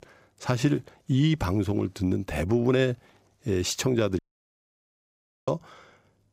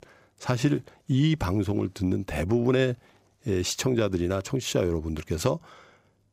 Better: second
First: audio cutting out; at 4 s for 1.5 s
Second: none

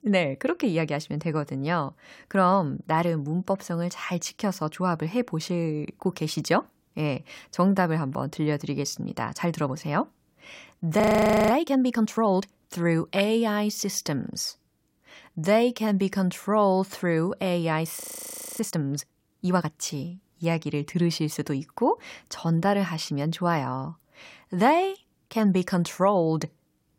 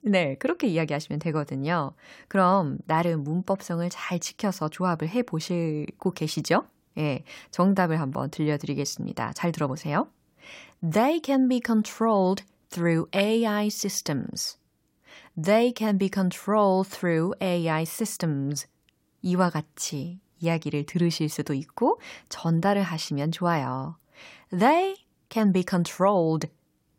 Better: second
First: audio freezing; at 11 s for 0.5 s and at 18 s for 0.5 s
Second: none

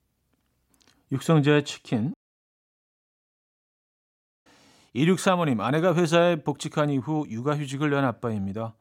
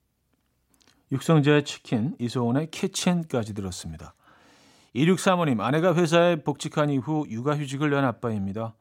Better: second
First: audio cutting out; at 2 s for 2.5 s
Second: none

